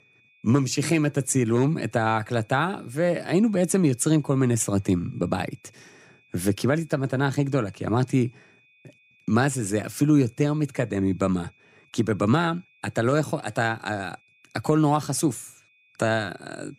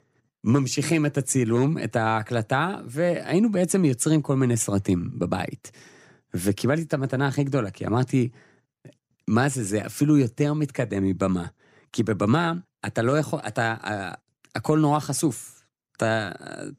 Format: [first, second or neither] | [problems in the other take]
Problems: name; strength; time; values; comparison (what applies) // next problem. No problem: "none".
second | high-pitched whine; faint; throughout; 2.5 kHz, 35 dB below the speech